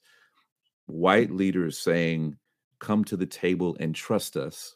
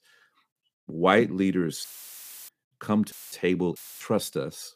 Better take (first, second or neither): first